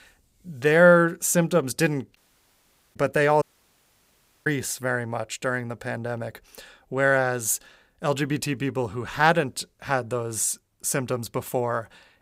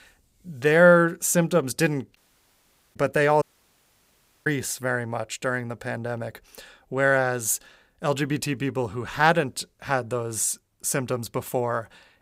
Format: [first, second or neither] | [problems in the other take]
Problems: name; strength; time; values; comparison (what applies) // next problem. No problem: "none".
neither | audio cutting out; at 2 s for 1 s and at 3.5 s for 1 s; the same in both